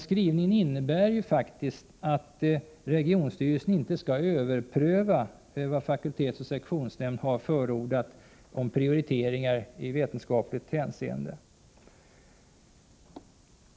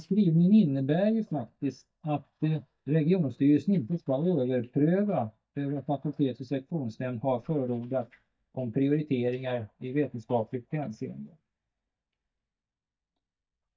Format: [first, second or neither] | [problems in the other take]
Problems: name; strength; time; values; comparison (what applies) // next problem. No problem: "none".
first | noise reduction (neural mask model DeepFilterNet 3)